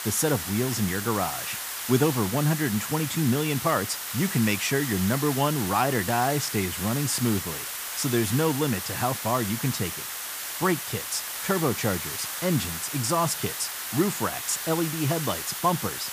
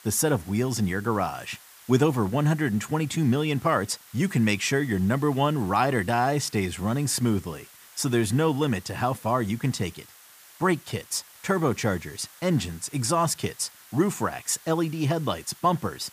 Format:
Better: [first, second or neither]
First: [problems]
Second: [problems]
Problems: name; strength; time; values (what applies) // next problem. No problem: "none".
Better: second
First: hiss; loud; throughout; 4 dB below the speech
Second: hiss; faint; throughout; 20 dB below the speech